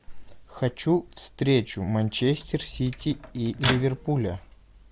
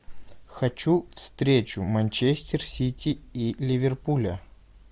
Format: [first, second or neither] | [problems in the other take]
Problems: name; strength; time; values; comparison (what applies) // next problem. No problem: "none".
second | background sound (Microwave oven); 8 dB below the speech